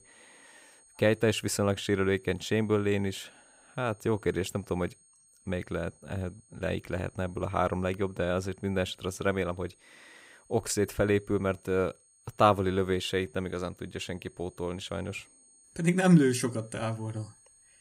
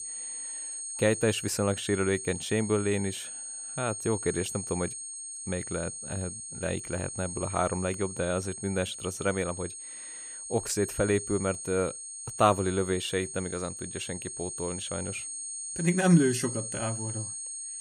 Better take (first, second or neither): first